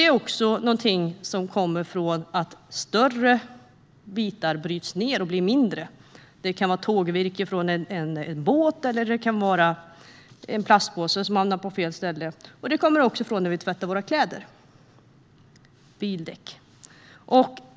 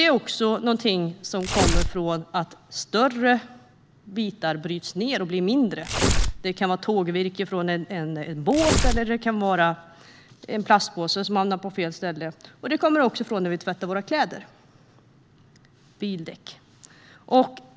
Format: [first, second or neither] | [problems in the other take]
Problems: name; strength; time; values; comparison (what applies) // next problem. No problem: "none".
first | background sound (Tearing); 2 dB above the speech